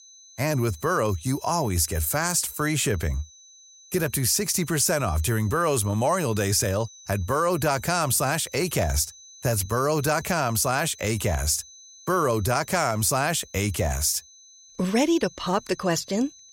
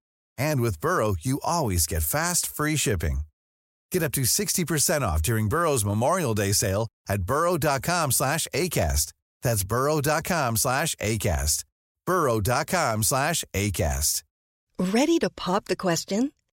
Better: second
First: high-pitched whine; faint; throughout; 6 kHz, 20 dB below the speech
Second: none

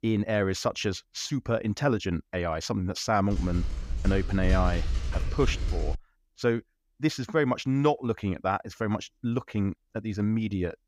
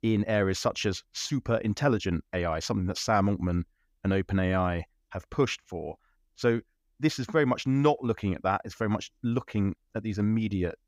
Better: second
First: keyboard typing; noticeable; from 3.5 to 6 s; peak level with the speech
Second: none

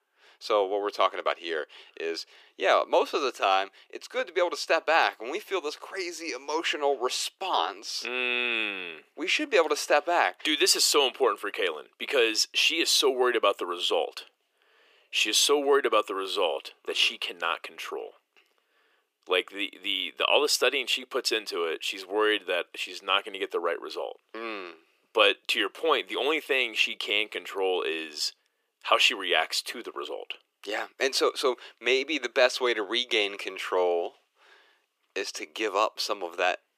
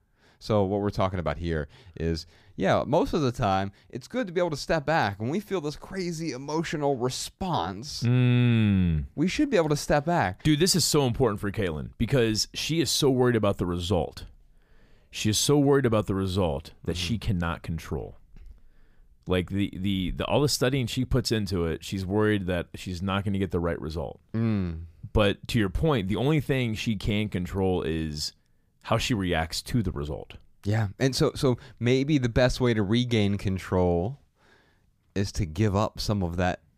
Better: second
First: thin; very; fading below 350 Hz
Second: none

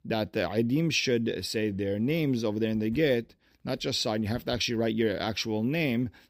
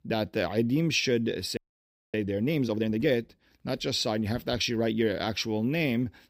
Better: first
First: none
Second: audio freezing; at 1.5 s for 0.5 s

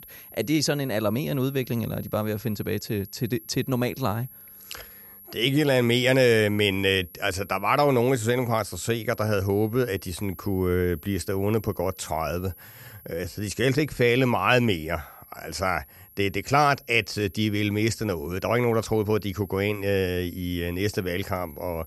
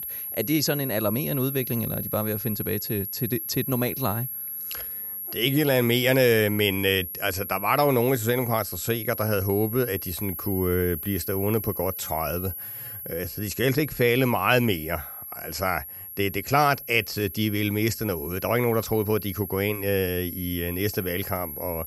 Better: first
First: high-pitched whine; faint; throughout; 11.5 kHz, 20 dB below the speech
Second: high-pitched whine; loud; throughout; 11.5 kHz, 7 dB below the speech

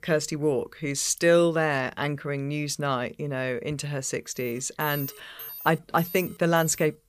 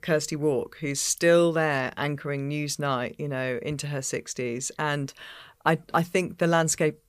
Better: second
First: alarm; noticeable; from 4.5 s on; peak 8 dB below the speech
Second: none

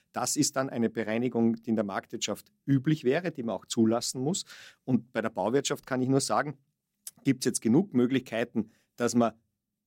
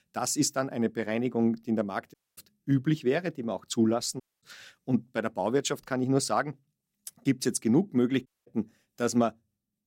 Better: first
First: none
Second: audio cutting out; at 2 s, at 4 s and at 8.5 s

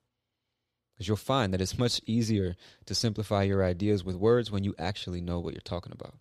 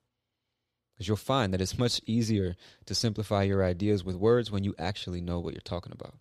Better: neither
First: none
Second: none

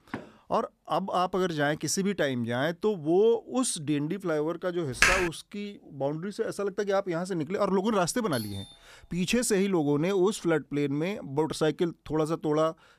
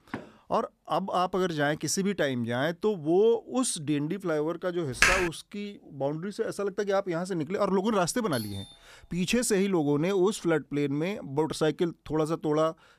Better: neither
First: door banging; faint; at the start; peak 15 dB below the speech // keyboard typing; loud; at 5 s; peak 5 dB above the speech // doorbell; faint; at 8.5 s; peak 10 dB below the speech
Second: door banging; faint; at the start; peak 15 dB below the speech // keyboard typing; loud; at 5 s; peak 5 dB above the speech // doorbell; faint; at 8.5 s; peak 10 dB below the speech

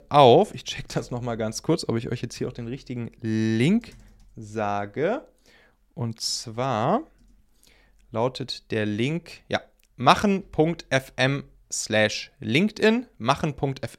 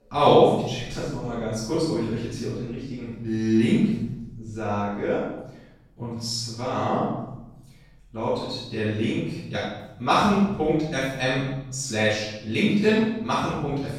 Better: first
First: none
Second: off-mic speech; far // room echo; strong; dies away in 0.9 s

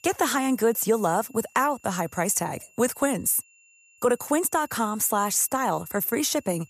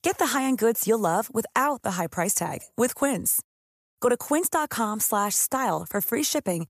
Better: second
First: high-pitched whine; faint; throughout; 2.5 kHz, 30 dB below the speech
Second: none

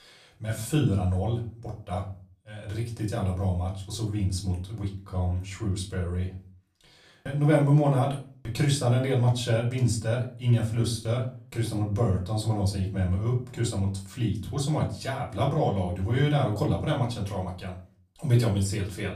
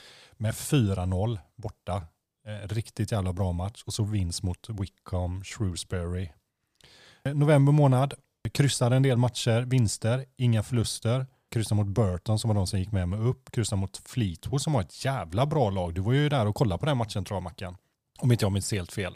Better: second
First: room echo; slight; dies away in 0.3 s // off-mic speech; far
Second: none

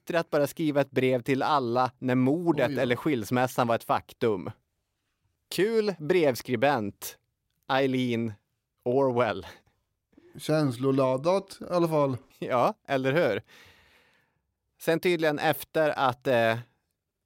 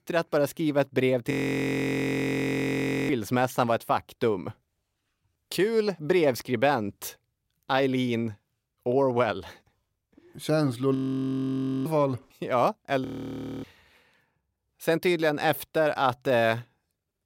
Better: first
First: none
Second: audio freezing; at 1.5 s for 2 s, at 11 s for 1 s and at 13 s for 0.5 s

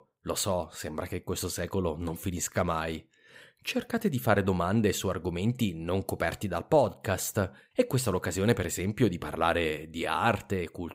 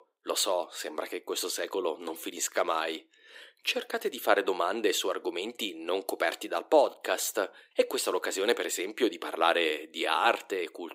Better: first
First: none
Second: thin; very; fading below 300 Hz

